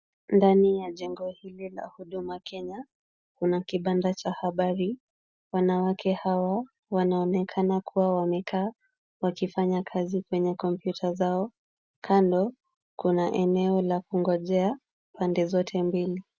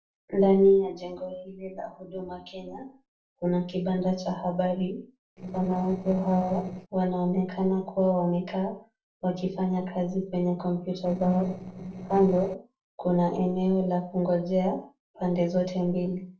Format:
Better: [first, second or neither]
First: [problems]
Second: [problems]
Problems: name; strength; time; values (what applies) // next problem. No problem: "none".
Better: first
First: none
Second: noise reduction (neural separator model SepFormer DNS4)